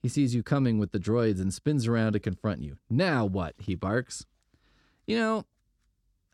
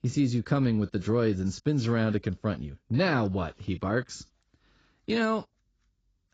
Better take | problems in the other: first | garbled, watery; badly; nothing above 7.5 kHz

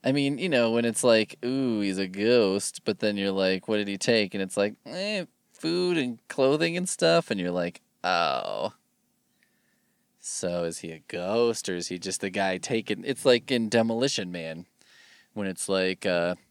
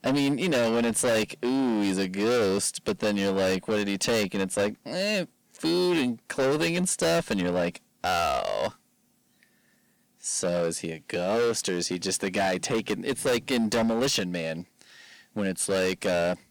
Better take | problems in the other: first | distortion; heavy; 16% of the sound clipped

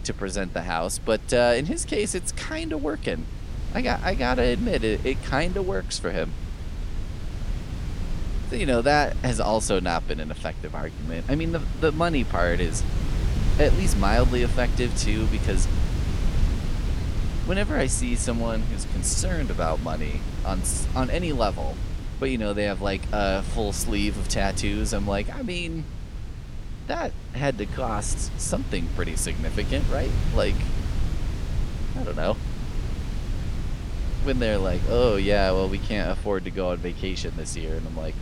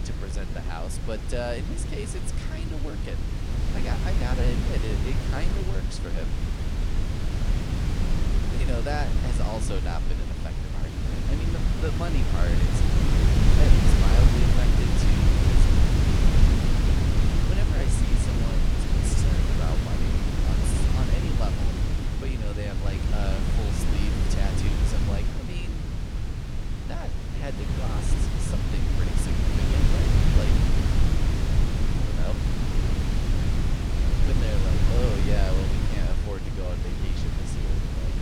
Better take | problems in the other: first | wind noise on the microphone; heavy; 3 dB above the speech; occasional gusts in the first

